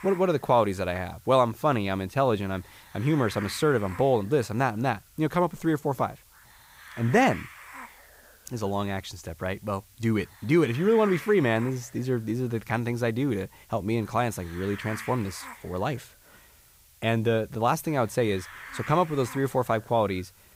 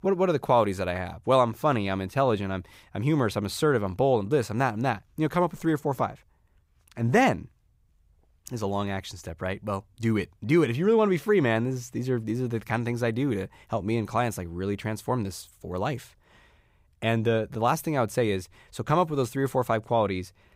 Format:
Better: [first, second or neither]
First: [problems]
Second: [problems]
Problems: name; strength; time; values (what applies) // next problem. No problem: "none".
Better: second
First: hiss; noticeable; throughout; 20 dB below the speech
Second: none